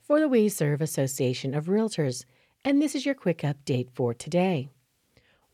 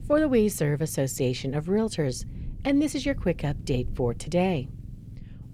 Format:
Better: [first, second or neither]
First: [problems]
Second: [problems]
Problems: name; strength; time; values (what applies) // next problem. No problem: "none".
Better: first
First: none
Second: low rumble; faint; throughout; 25 dB below the speech